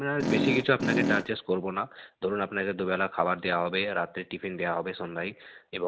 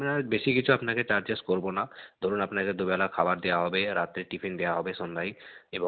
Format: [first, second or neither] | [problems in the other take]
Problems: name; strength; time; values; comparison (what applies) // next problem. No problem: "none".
second | background sound (Fart); 2 dB above the speech